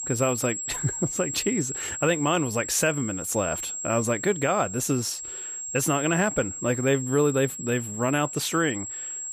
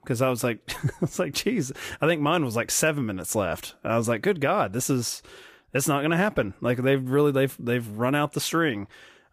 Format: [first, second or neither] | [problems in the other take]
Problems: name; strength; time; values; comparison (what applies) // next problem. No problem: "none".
second | high-pitched whine; loud; throughout; 7.5 kHz, 6 dB below the speech